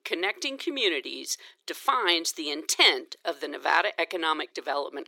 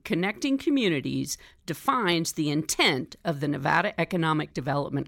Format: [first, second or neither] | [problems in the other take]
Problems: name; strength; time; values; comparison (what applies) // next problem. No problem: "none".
second | thin; very; fading below 350 Hz